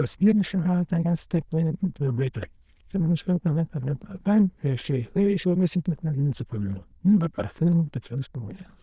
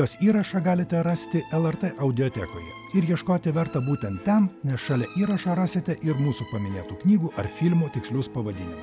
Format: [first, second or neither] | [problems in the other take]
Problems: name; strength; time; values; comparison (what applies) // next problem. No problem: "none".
second | noise reduction (neural diffusion model UNIVERSE++)